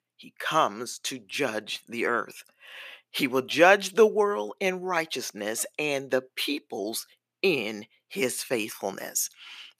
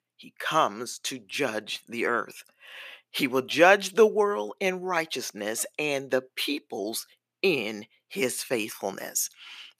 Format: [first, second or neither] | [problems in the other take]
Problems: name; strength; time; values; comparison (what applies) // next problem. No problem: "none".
neither | thin; somewhat; fading below 400 Hz; the same in both